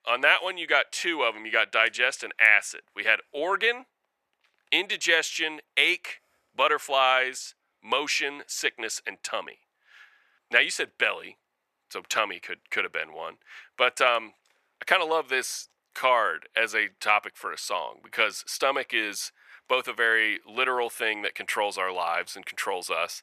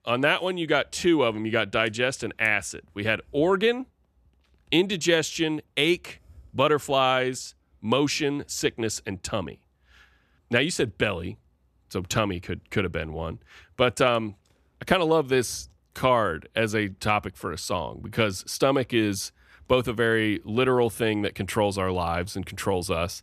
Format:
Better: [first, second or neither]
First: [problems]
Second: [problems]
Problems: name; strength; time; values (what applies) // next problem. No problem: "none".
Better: second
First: thin; very; fading below 700 Hz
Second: none